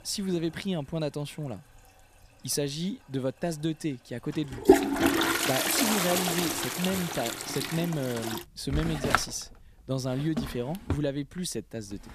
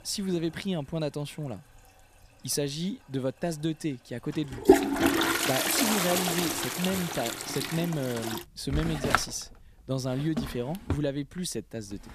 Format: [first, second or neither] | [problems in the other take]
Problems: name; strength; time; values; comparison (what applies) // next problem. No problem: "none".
neither | household noises; very loud; throughout; 4 dB above the speech; the same in both